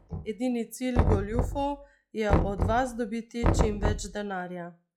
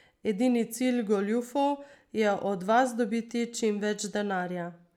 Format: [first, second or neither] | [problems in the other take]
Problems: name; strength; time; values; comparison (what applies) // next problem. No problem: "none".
second | noise reduction (classical method log-MMSE)